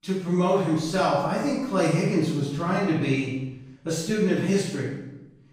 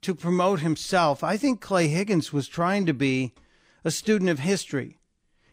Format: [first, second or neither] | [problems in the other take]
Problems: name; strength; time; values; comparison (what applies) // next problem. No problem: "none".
second | room echo; strong; dies away in 0.8 s // off-mic speech; far